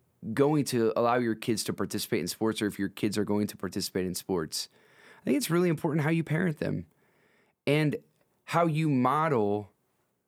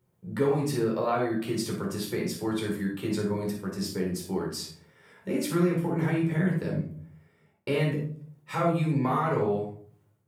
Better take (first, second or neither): first